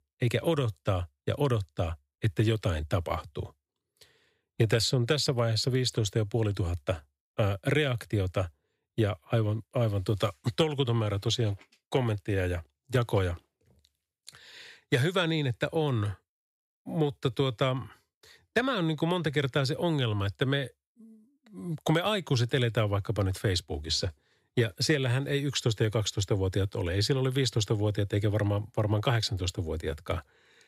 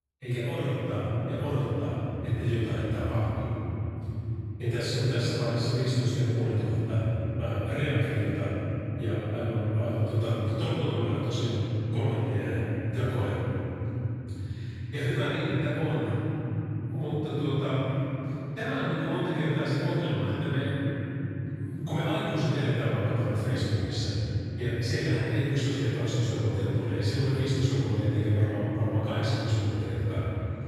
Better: first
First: none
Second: room echo; strong; dies away in 3 s // off-mic speech; far

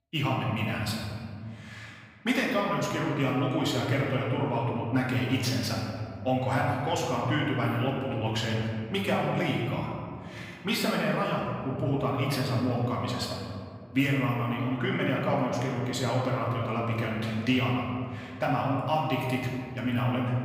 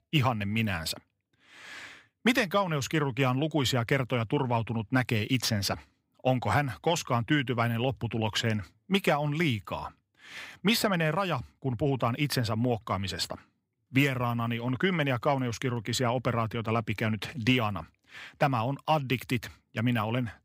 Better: second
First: room echo; noticeable; dies away in 2 s // off-mic speech; far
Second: none

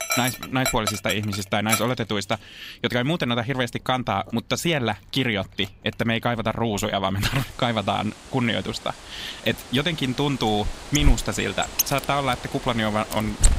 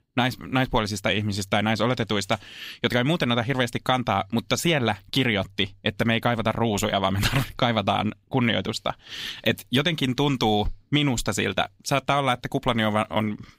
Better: second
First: animal sounds; loud; throughout; 5 dB below the speech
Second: none

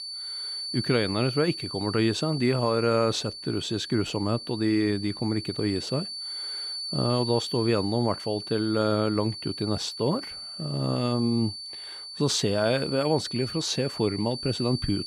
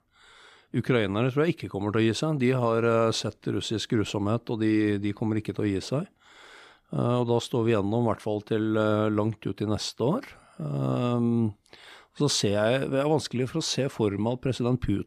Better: second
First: high-pitched whine; loud; throughout; 4.5 kHz, 7 dB below the speech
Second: none

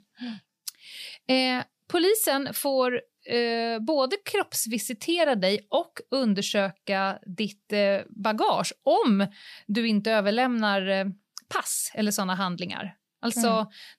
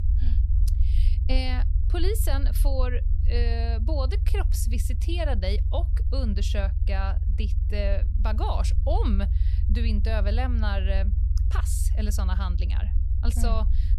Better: first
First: none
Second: low rumble; noticeable; throughout; 10 dB below the speech

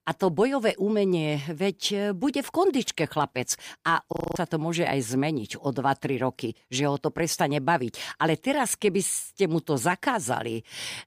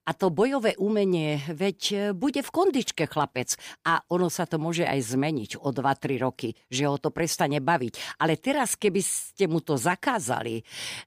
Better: second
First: audio freezing; at 4 s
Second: none

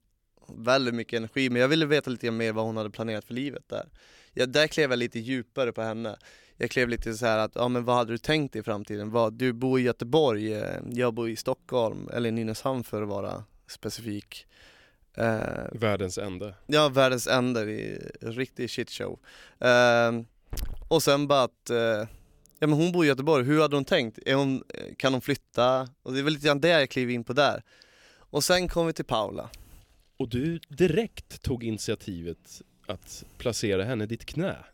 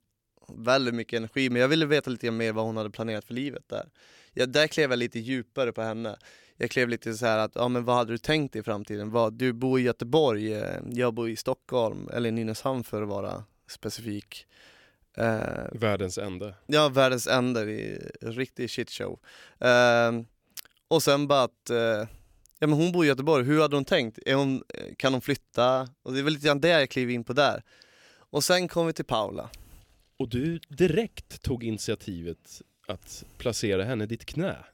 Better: second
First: hiss; faint; throughout; 25 dB below the speech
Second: none

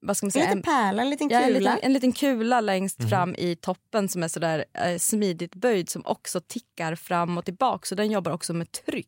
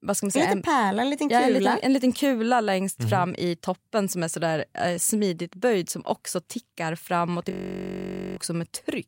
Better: first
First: none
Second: audio freezing; at 7.5 s for 1 s

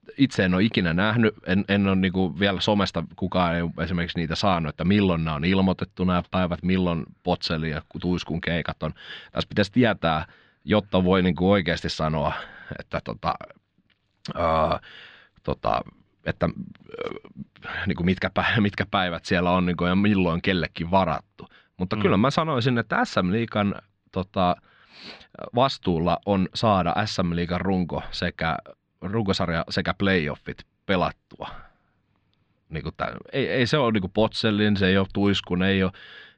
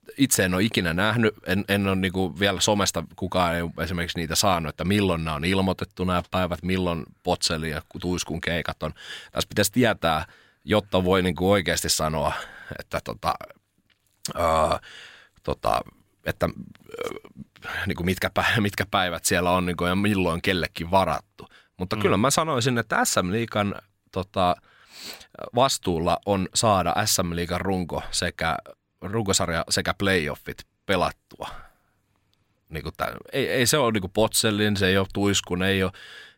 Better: second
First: muffled; very slightly; fading above 4.5 kHz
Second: none

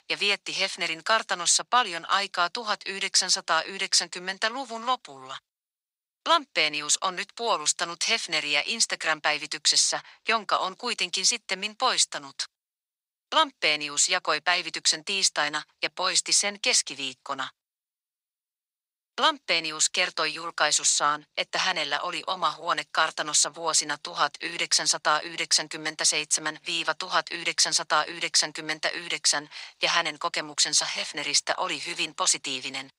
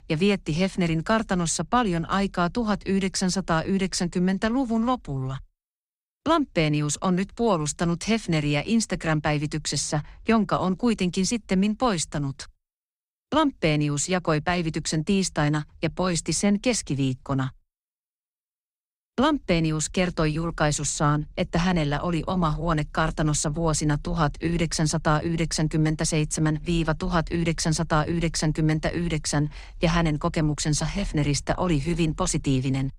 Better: second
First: thin; very; fading below 850 Hz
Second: none

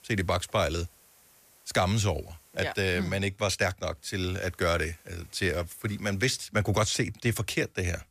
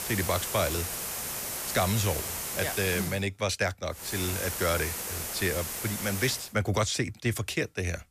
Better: first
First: hiss; faint; until 3 s and from 4 to 6.5 s; 30 dB below the speech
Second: hiss; loud; until 3 s and from 4 to 6.5 s; 3 dB below the speech

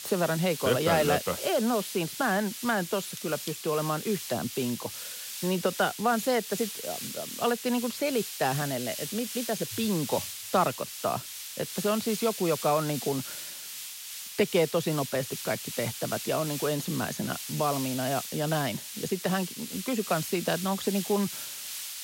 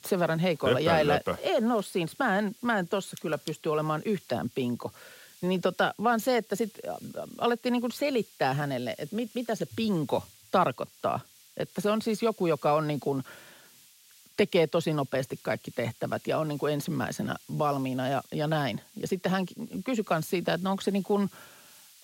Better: second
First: hiss; loud; throughout; 6 dB below the speech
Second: hiss; faint; throughout; 25 dB below the speech

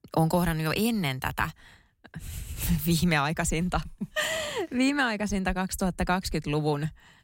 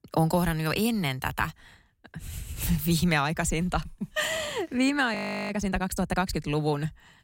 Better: first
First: none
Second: audio freezing; at 5 s

